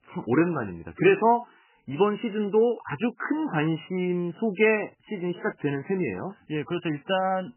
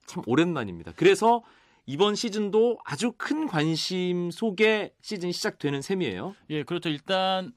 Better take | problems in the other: second | garbled, watery; badly; nothing above 3 kHz

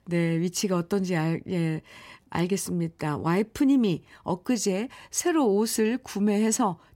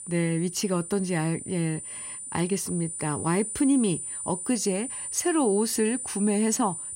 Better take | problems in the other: first | high-pitched whine; loud; throughout; 9 kHz, 6 dB below the speech

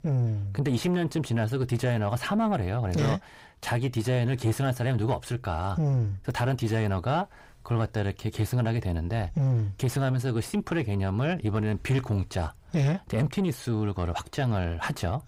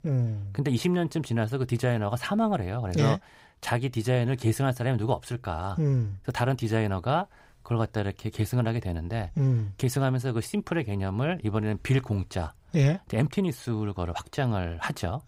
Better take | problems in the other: second | distortion; slight; 10 dB below the speech

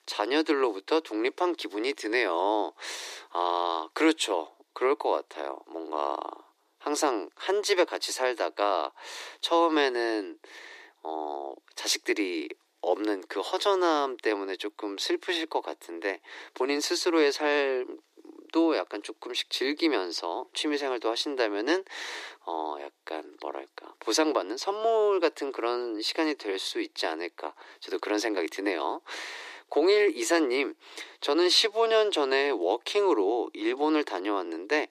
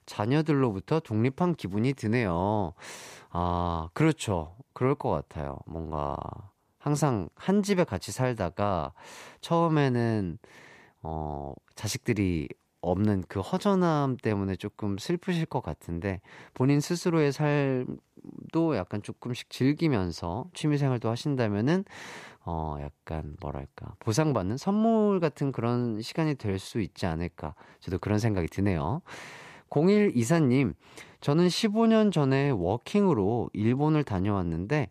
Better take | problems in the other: second | thin; very; fading below 300 Hz

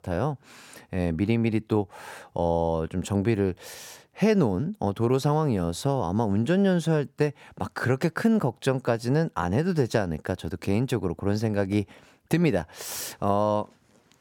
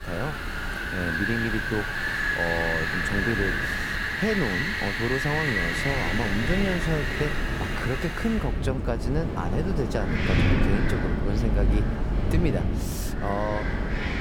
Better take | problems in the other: first | wind in the background; very loud; throughout; 3 dB above the speech

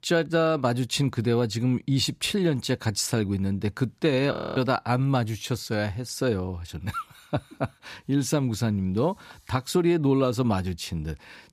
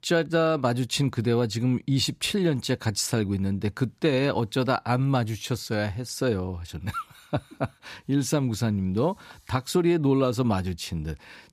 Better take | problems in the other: second | audio freezing; at 4.5 s

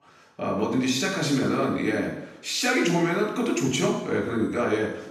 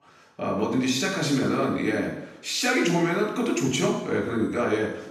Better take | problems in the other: neither | room echo; noticeable; dies away in 0.8 s; the same in both // off-mic speech; far; the same in both

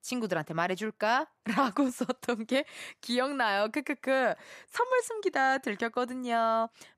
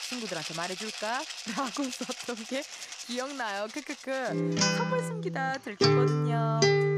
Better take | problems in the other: first | background music; very loud; throughout; 5 dB above the speech

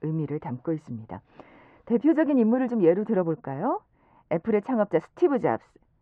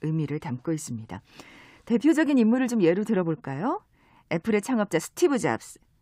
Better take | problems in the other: second | muffled; very; fading above 1.5 kHz

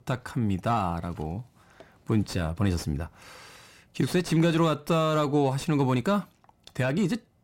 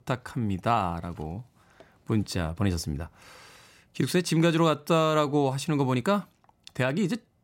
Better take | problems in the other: second | distortion; slight; 10 dB below the speech

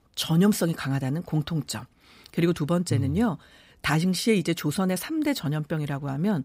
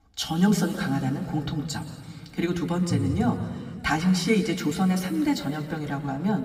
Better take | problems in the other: first | room echo; slight; dies away in 2.2 s // off-mic speech; far

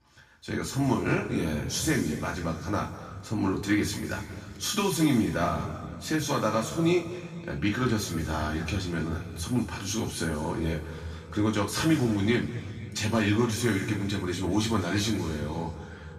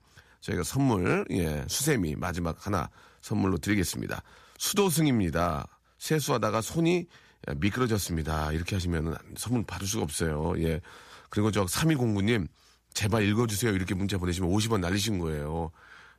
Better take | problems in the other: second | room echo; noticeable; dies away in 2 s // off-mic speech; far

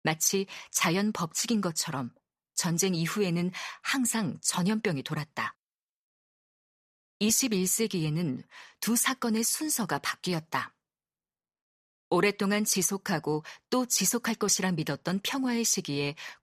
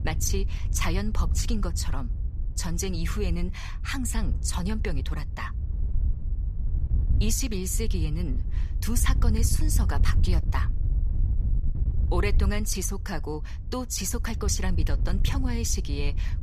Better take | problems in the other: first | wind noise on the microphone; occasional gusts; 15 dB below the speech

